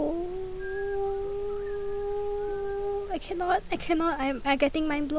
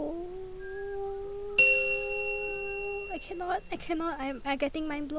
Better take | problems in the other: first | background sound (Bell); 2 dB above the speech

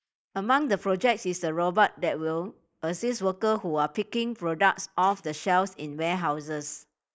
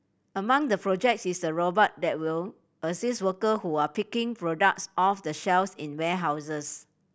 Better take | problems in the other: second | noise reduction (neural mask model Resemble Enhance denoiser)

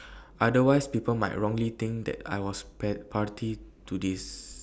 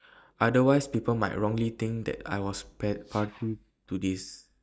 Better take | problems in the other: first | noise reduction (neural mask model DeepFilterNet 3)

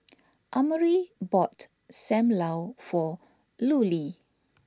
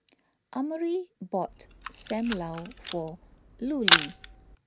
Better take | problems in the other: first | background sound (Camera); 3 dB above the speech

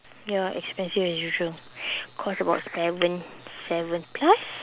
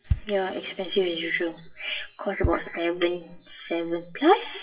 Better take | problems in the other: first | noise reduction (classical method WPE with log-MMSE)

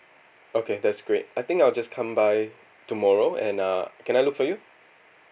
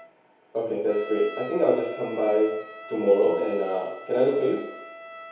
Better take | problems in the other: first | background sound (Trumpet); 16 dB below the speech // room echo; dies away in 2.2 s

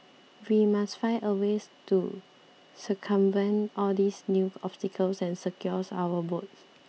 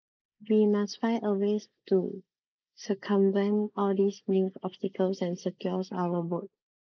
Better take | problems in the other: first | noise reduction (neural mask model Resemble Enhance denoiser)

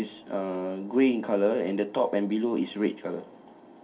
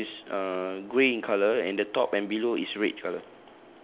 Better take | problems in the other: second | room echo; dies away in 0.3 s

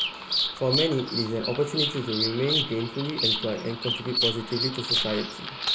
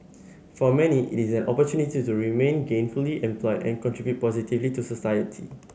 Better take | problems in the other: second | background sound (Bird vocalization, bird call, bird song); as loud as the speech

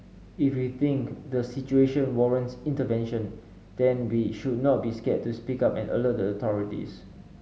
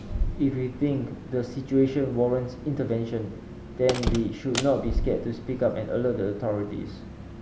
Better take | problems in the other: first | background sound (Slam); 7 dB below the speech

